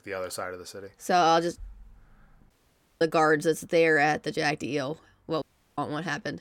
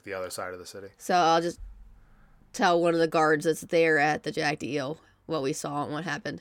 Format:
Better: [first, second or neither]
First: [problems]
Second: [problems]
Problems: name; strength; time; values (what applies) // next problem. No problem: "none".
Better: second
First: audio cutting out; at 2.5 s for 0.5 s and at 5.5 s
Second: none